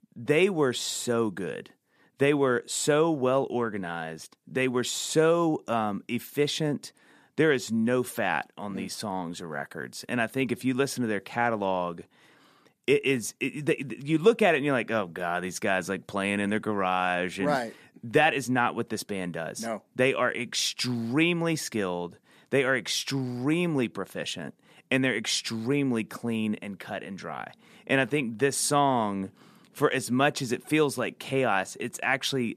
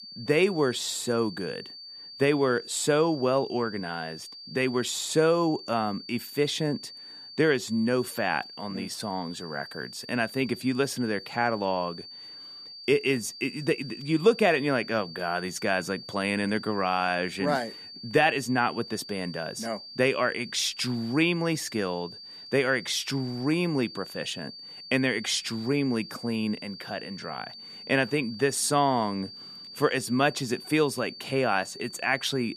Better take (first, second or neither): first